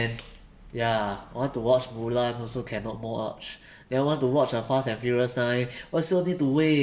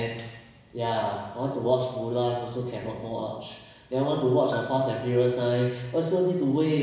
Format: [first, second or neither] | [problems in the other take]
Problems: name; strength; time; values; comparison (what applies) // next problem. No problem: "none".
first | background sound (Piano); 19 dB below the speech // room echo; dies away in 1 s